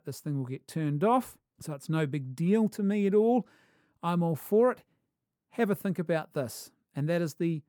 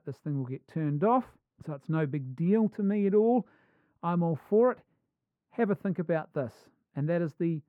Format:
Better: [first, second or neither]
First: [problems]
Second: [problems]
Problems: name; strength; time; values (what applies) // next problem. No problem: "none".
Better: first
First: none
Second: muffled; very; fading above 4 kHz